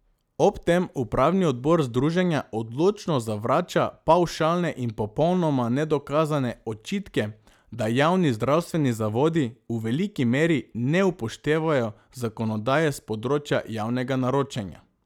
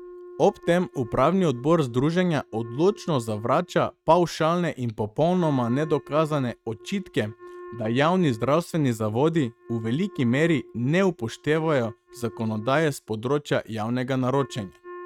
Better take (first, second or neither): first